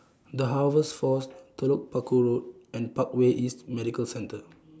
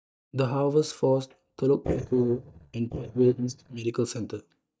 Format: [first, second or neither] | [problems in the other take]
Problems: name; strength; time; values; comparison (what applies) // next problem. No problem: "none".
first | noise reduction (neural mask model DeepFilterNet 3)